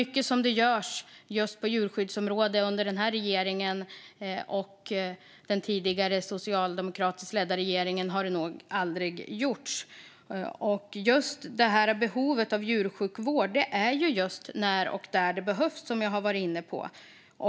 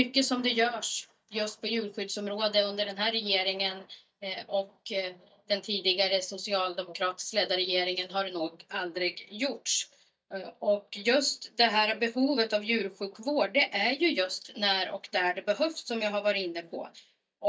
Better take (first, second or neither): first